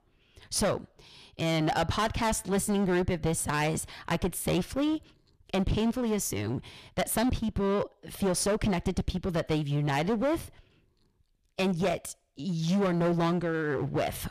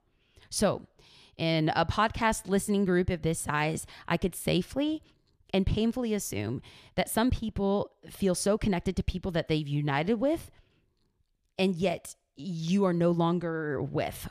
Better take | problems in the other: second | distortion; heavy; 14% of the sound clipped

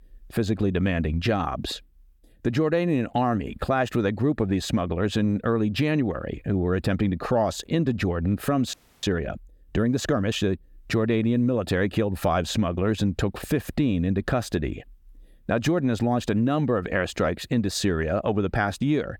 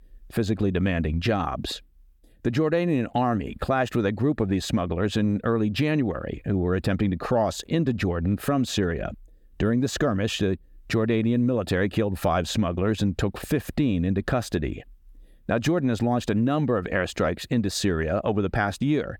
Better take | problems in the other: second | audio freezing; at 8.5 s

